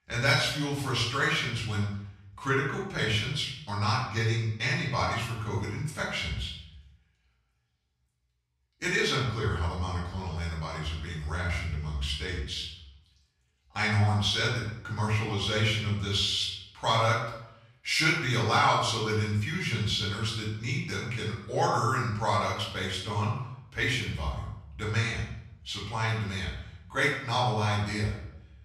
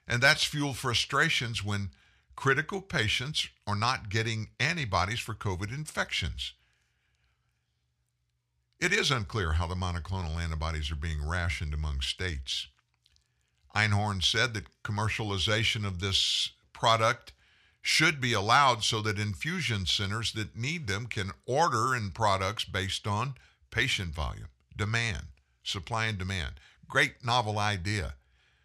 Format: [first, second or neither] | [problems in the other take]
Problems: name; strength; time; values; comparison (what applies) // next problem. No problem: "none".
second | off-mic speech; far // room echo; noticeable; dies away in 0.7 s